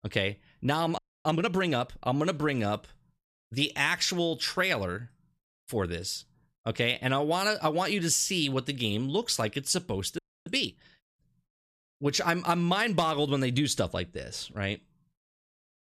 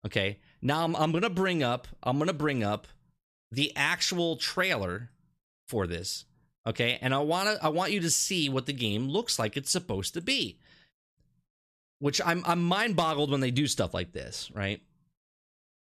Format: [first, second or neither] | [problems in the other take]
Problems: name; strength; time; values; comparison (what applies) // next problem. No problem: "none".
second | audio freezing; at 1 s and at 10 s